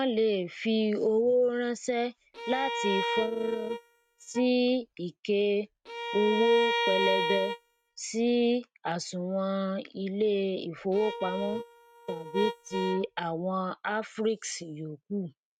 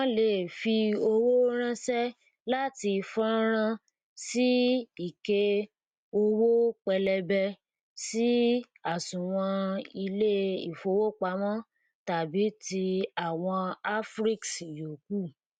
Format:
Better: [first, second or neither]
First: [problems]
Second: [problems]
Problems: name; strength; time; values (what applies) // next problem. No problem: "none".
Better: second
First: noise reduction (neural mask model RNNoise)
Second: none